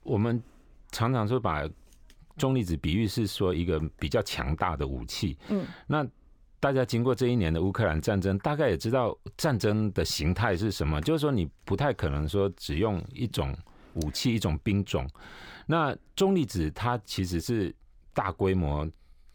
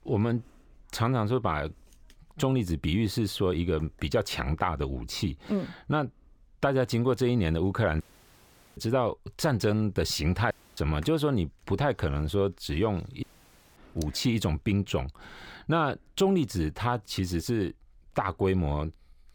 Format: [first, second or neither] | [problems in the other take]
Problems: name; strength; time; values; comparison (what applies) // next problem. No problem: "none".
first | audio cutting out; at 8 s for 1 s, at 11 s and at 13 s for 0.5 s